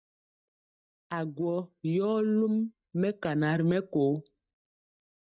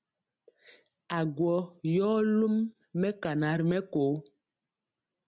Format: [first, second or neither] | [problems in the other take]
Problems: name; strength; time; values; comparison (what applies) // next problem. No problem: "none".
second | noise reduction (neural mask model DeepFilterNet 3)